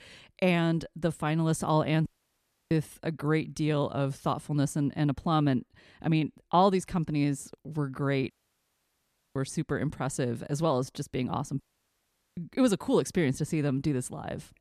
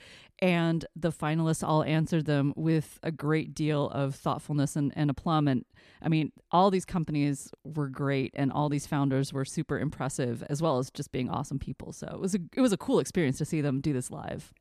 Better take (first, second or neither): second